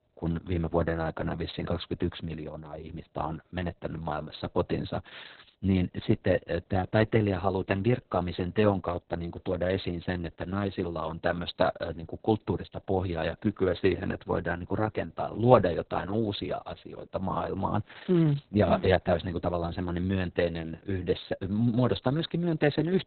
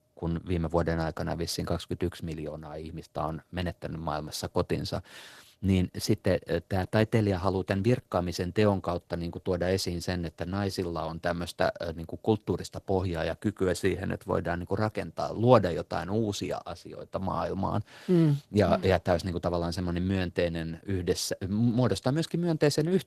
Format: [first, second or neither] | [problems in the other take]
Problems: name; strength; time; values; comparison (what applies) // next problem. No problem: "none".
second | garbled, watery; badly; nothing above 4 kHz; slightly in the second